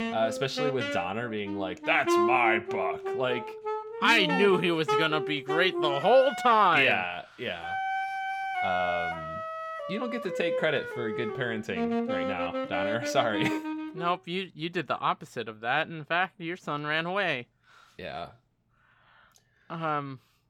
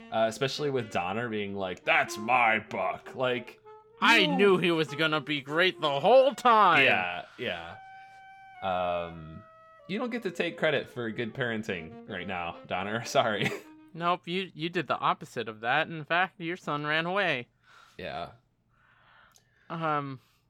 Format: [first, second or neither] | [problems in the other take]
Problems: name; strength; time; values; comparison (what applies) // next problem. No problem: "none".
second | background music; loud; until 14 s; 4 dB below the speech; faint in the second